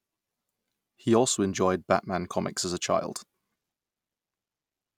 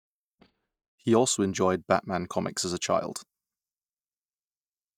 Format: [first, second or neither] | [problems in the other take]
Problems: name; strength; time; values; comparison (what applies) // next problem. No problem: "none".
first | noise reduction (neural mask model DeepFilterNet 3)